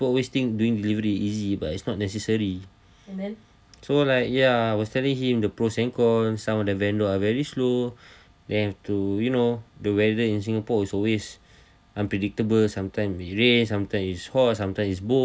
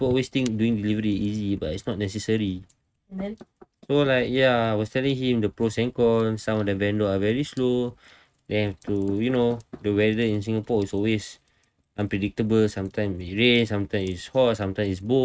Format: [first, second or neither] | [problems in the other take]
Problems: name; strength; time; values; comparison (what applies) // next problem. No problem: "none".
first | noise reduction (neural mask model RNNoise)